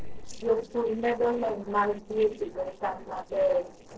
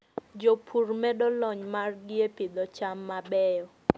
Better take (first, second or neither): second